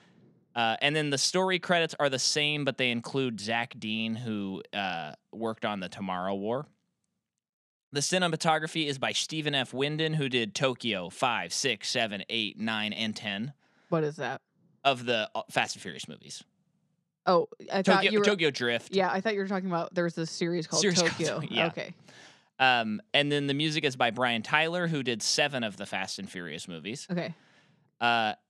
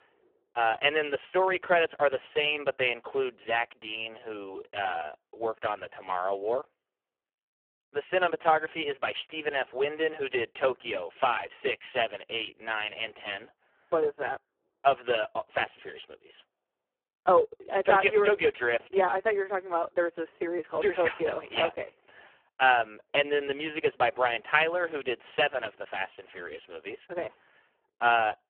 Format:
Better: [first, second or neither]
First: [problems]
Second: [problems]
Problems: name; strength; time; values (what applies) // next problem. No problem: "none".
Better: first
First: none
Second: phone-call audio; poor line